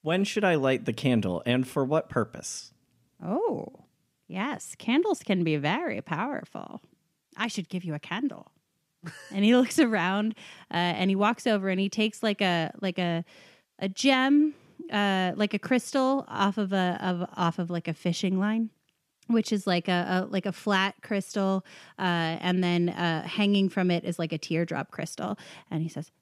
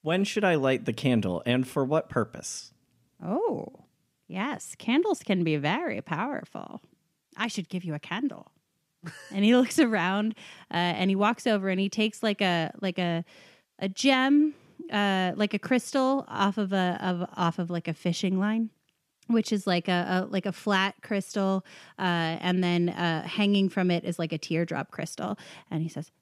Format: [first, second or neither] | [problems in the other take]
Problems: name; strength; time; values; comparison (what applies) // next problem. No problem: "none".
neither | none